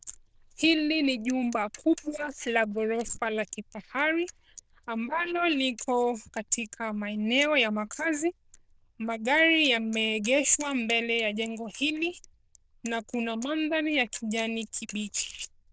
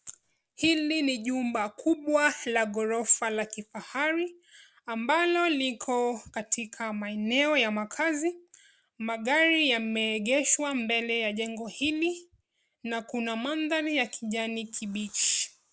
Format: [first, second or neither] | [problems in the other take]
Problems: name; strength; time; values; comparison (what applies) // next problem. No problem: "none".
second | noise reduction (neural diffusion model UNIVERSE++)